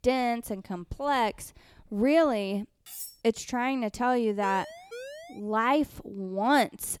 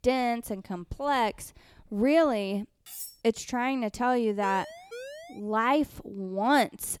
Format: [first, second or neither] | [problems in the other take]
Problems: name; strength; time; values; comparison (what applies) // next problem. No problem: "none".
neither | clattering dishes; faint; at 3 s; peak 10 dB below the speech; the same in both // siren; faint; at 4.5 s; peak 15 dB below the speech; the same in both